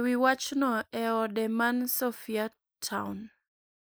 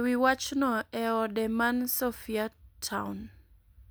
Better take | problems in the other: second | noise reduction (neural mask model Resemble Enhance denoiser)

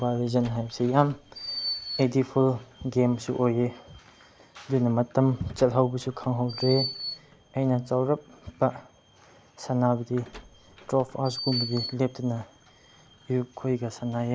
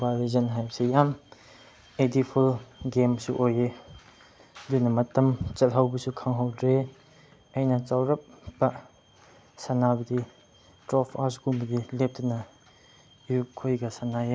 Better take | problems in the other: second | background sound (Door); 13 dB below the speech

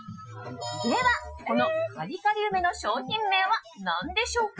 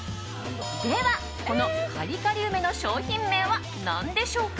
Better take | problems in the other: second | noise reduction (classical method Wiener filter)

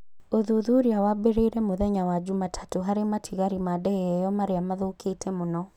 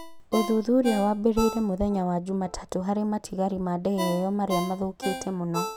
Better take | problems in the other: first | background sound (Ringtone); 10 dB below the speech

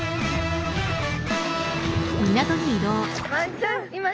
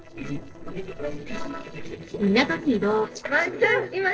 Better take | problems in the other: first | noise reduction (neural separator model SepFormer DNS4)

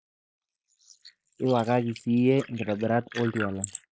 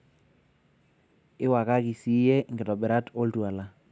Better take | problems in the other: second | noise reduction (neural mask model Resemble Enhance denoiser)

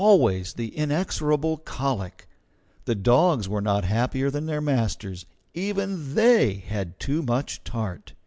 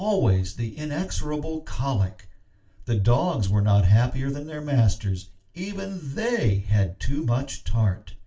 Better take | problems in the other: first | room echo; dies away in 0.2 s

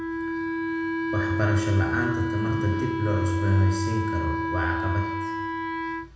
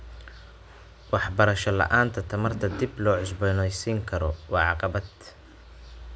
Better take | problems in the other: second | background sound (Wind instrument, woodwind instrument); 2 dB below the speech // room echo; dies away in 0.9 s

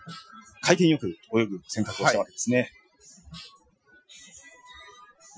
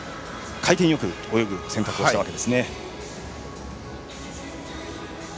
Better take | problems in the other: second | noise reduction (classical method Wiener filter)

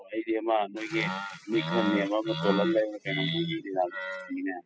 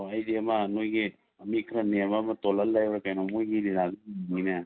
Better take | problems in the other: second | noise reduction (classical method spectral subtraction)

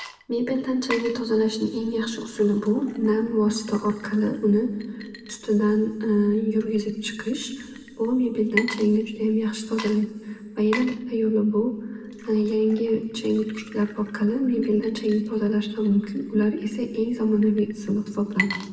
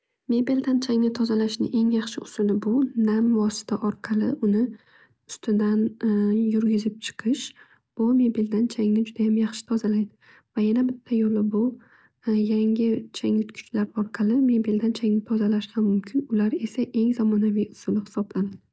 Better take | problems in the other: second | background sound (Water / Liquid); 16 dB below the speech // room echo; dies away in 1.5 s

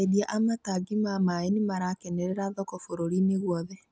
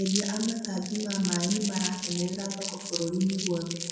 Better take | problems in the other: first | background sound (Crumpling, crinkling); 5 dB below the speech // room echo; dies away in 1.2 s

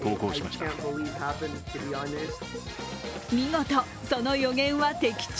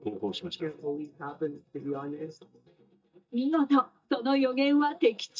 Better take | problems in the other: first | noise reduction (neural mask model DeepFilterNet 3)

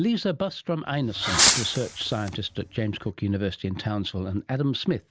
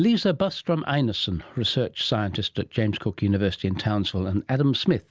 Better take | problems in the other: second | background sound (Fireworks); 1 dB above the speech

